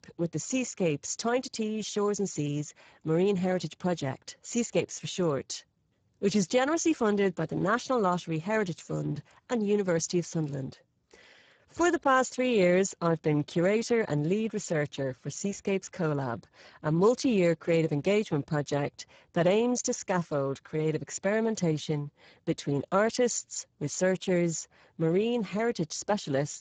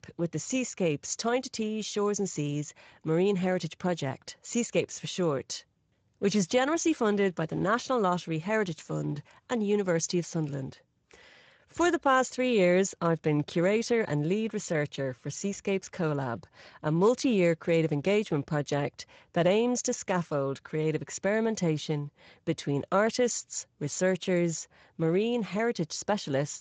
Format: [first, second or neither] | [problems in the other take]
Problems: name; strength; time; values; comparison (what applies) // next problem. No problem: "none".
second | garbled, watery; badly; nothing above 7.5 kHz; slightly in the second